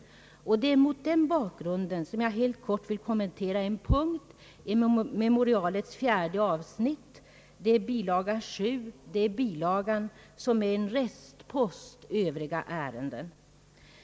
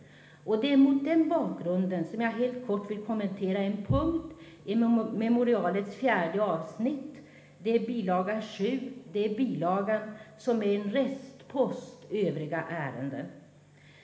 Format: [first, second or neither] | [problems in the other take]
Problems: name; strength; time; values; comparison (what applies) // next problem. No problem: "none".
first | room echo; dies away in 1.1 s